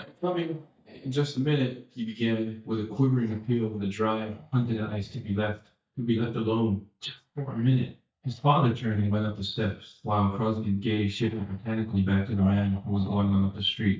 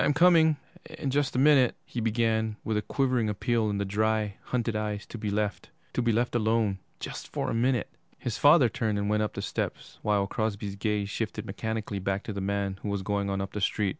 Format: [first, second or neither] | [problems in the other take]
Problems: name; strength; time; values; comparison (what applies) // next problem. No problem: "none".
second | noise reduction (neural mask model DeepFilterNet 3)